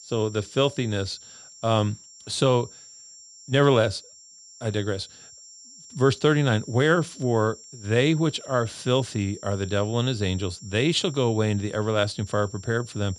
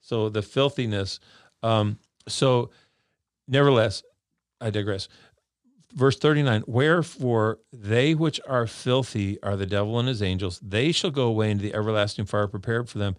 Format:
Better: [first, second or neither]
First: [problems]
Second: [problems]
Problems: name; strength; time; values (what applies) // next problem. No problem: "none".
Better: second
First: high-pitched whine; noticeable; throughout; 7.5 kHz, 20 dB below the speech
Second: none